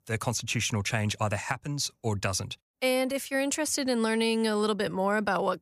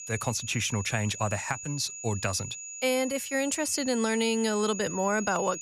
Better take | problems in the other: first | high-pitched whine; loud; throughout; 7 kHz, 9 dB below the speech

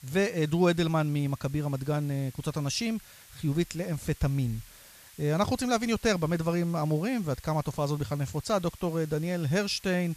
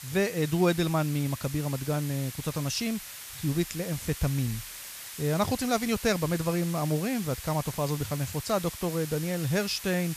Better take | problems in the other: first | hiss; loud; throughout; 10 dB below the speech; faint in the first

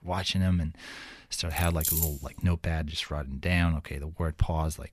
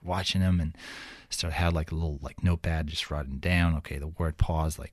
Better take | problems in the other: second | jangling keys; loud; at 1.5 s; peak 3 dB above the speech

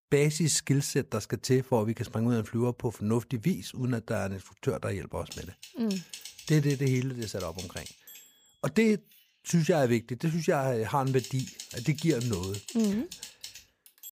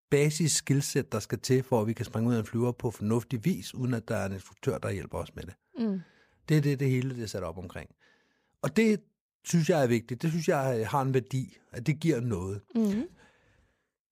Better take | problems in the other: second | keyboard typing; faint; from 5.5 s on; peak 10 dB below the speech

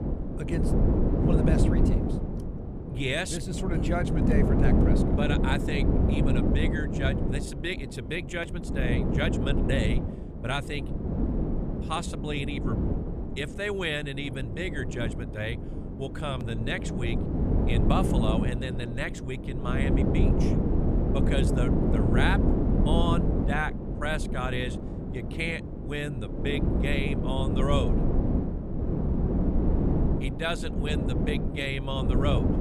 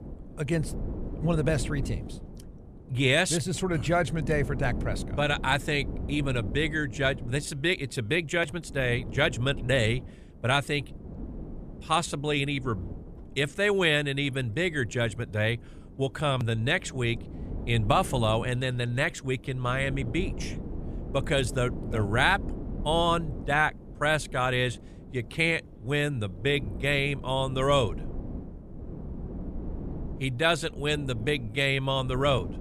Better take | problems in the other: second | wind noise on the microphone; heavy; 2 dB below the speech; occasional gusts in the second

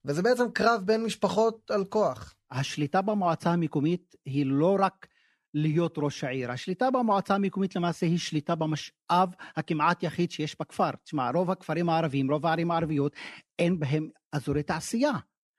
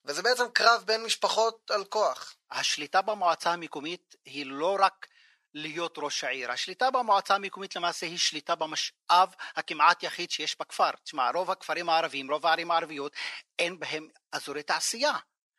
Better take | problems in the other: first | thin; very; fading below 800 Hz

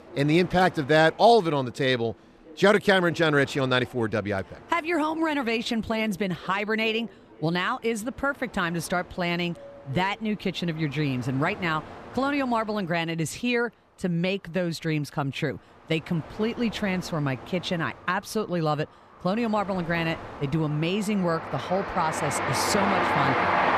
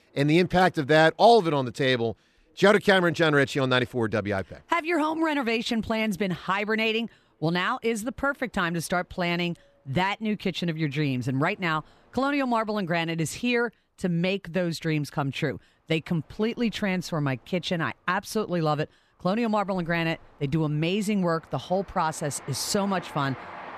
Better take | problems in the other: second | train or aircraft noise; loud; throughout; 7 dB below the speech; faint in the second

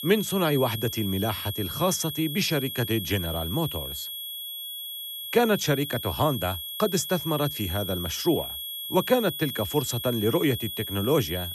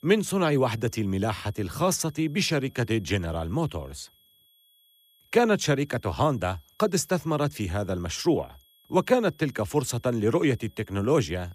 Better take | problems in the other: second | high-pitched whine; loud; throughout; 3.5 kHz, 6 dB below the speech; faint in the second

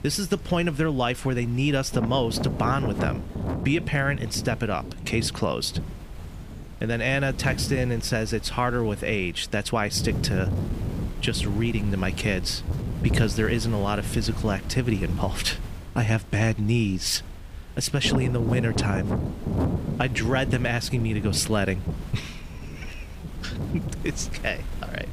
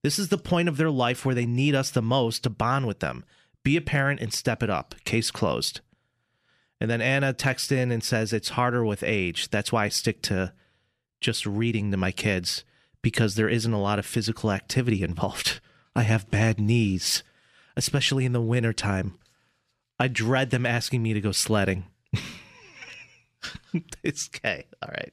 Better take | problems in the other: second | wind noise on the microphone; occasional gusts; 10 dB below the speech

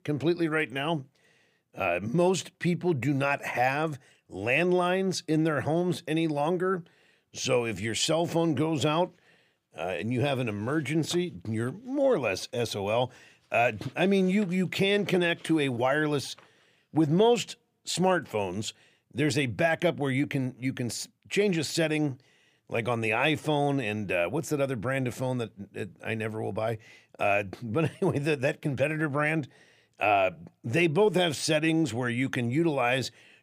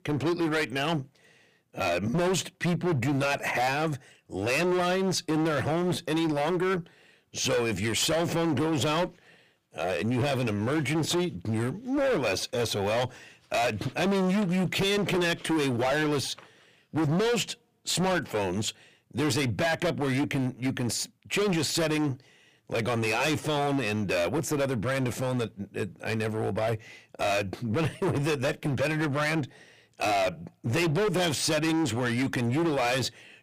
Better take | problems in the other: first | distortion; heavy; 21% of the sound clipped

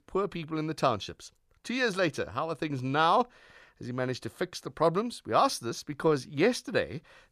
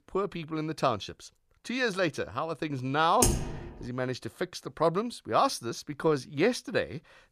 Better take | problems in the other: first | keyboard typing; loud; at 3 s; peak 3 dB above the speech

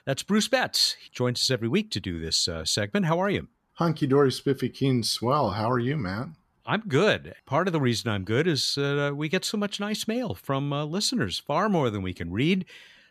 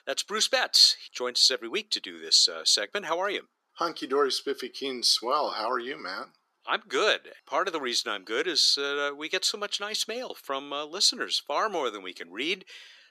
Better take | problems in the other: first | thin; very; fading below 350 Hz

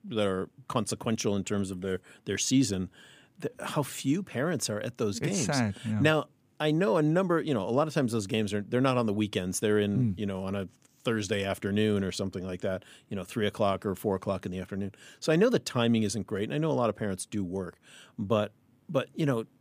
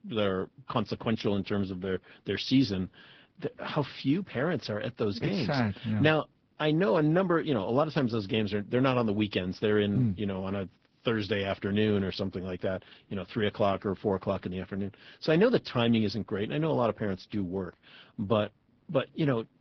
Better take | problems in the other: first | garbled, watery; badly; nothing above 5.5 kHz

